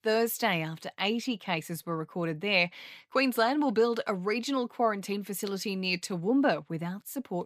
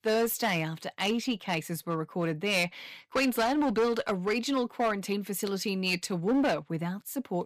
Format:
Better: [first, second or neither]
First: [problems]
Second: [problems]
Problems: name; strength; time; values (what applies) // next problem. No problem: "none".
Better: first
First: none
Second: distortion; slight; 8% of the sound clipped